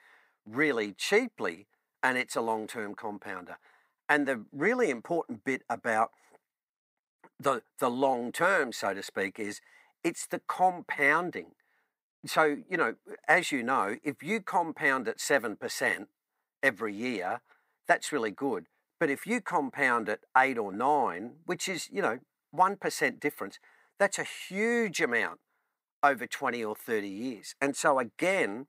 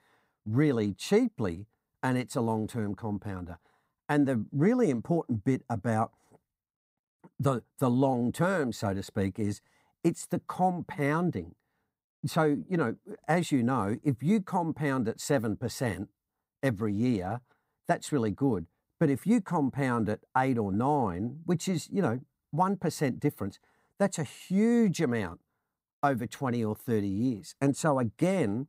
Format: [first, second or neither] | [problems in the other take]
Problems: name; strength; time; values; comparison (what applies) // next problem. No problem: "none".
second | thin; somewhat; fading below 450 Hz